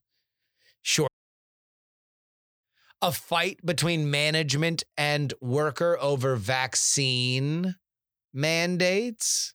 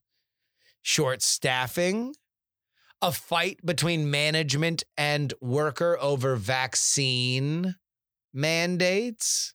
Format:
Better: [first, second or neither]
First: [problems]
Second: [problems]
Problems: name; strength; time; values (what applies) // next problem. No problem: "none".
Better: second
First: audio cutting out; at 1 s for 1.5 s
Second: none